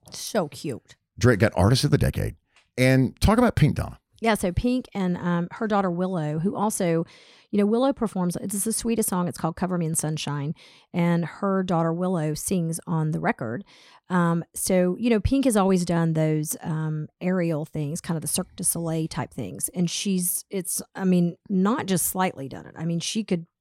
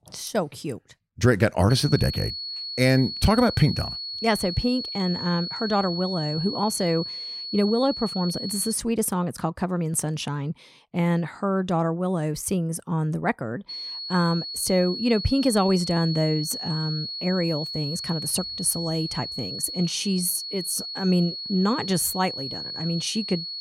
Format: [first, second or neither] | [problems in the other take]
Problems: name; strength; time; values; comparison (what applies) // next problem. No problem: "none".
first | high-pitched whine; loud; from 1.5 to 8.5 s and from 14 s on; 4.5 kHz, 6 dB below the speech